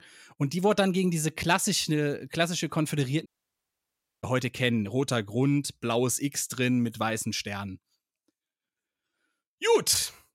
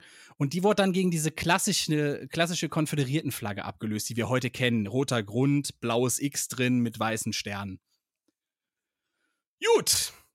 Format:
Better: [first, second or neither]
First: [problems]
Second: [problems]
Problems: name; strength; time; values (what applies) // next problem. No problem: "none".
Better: second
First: audio cutting out; at 3.5 s for 1 s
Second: none